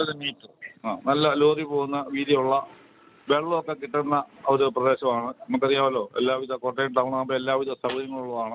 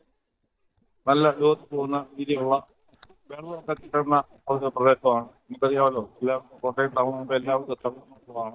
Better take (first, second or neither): first